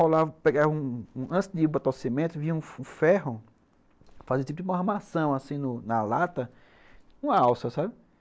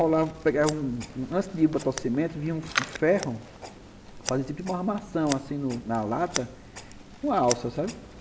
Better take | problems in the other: first | background sound (Scissors); 11 dB below the speech // room echo; dies away in 2.1 s

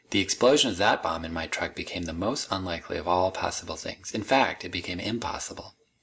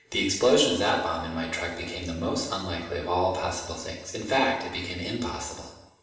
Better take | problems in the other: first | room echo; dies away in 0.9 s

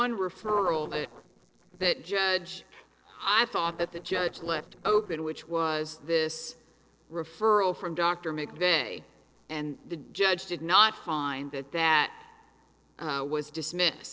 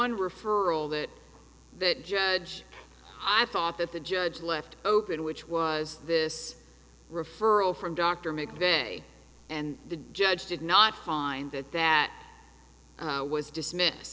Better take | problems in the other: second | noise reduction (neural separator model SepFormer DNS4)

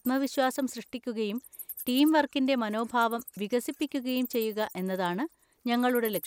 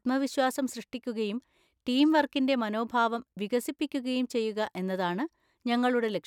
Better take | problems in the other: second | background sound (Wild animals); 18 dB below the speech

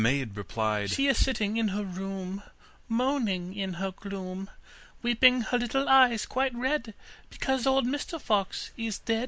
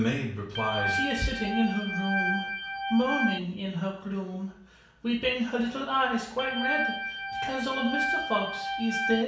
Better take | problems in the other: first | background sound (Organ); 1 dB below the speech // room echo; dies away in 0.6 s

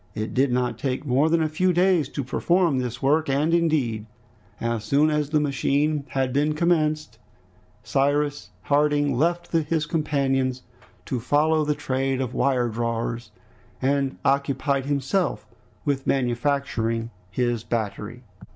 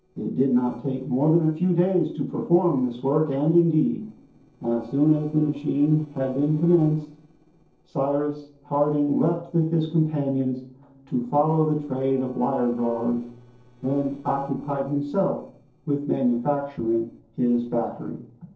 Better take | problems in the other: first | noise reduction (neural separator model SepFormer DNS4)

